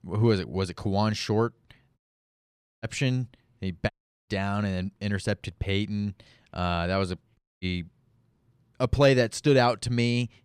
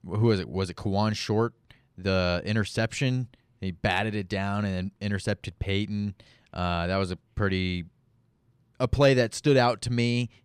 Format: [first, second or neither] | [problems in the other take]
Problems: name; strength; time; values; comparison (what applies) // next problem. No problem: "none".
second | audio cutting out; at 2 s for 1 s, at 4 s and at 7.5 s